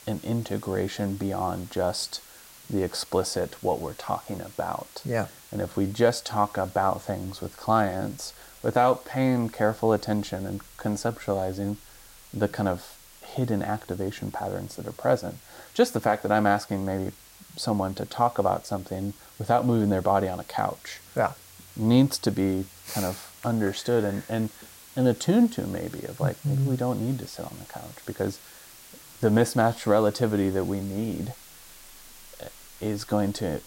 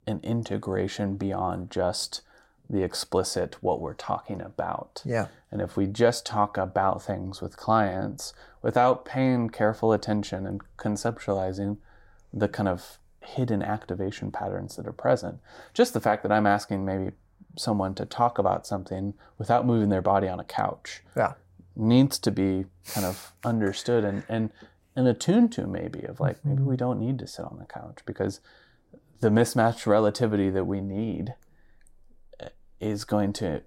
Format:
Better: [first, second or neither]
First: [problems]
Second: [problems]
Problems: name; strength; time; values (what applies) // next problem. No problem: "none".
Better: second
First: hiss; faint; throughout; 20 dB below the speech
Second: none